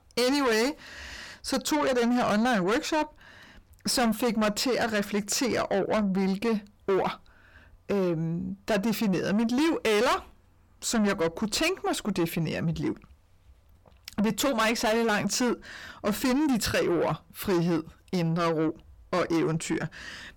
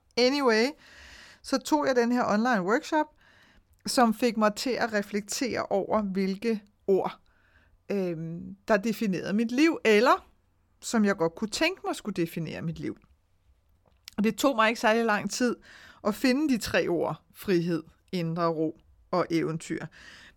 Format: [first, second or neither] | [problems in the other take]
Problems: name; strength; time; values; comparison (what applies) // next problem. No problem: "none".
second | distortion; heavy; 6 dB below the speech